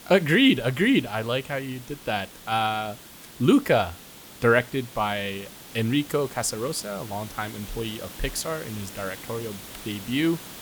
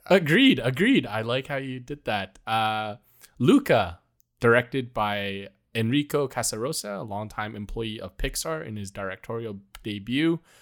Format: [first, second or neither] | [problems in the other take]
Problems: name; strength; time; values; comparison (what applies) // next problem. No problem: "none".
second | hiss; noticeable; throughout; 15 dB below the speech